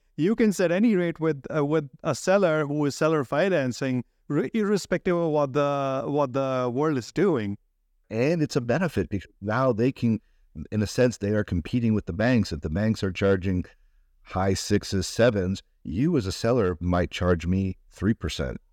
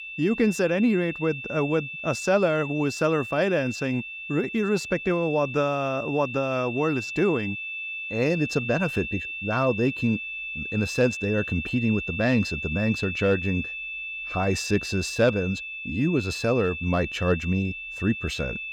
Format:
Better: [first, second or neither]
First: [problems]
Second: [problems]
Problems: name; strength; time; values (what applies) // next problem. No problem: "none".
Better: first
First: none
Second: high-pitched whine; loud; throughout; 2.5 kHz, 7 dB below the speech